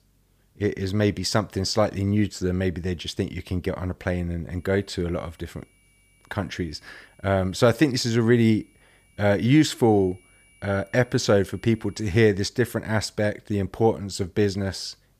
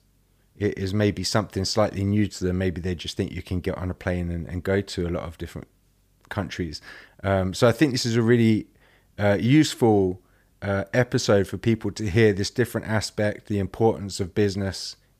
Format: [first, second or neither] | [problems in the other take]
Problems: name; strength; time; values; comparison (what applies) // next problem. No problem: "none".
second | high-pitched whine; faint; from 4.5 to 12 s; 2.5 kHz, 35 dB below the speech